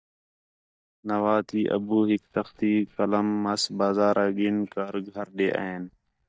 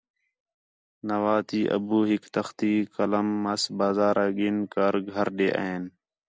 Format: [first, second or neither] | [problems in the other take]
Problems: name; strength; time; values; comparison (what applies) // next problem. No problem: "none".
second | noise reduction (neural mask model DeepFilterNet 3)